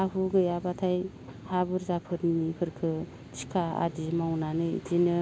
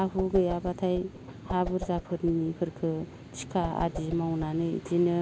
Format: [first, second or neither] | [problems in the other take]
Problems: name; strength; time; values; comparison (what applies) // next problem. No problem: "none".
first | background sound (Whoosh, swoosh, swish); 11 dB below the speech